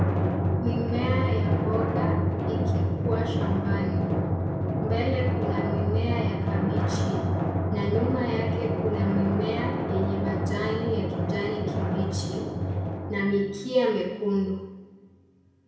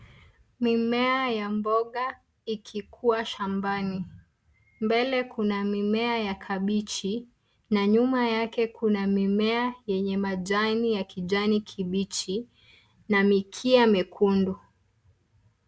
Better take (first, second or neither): second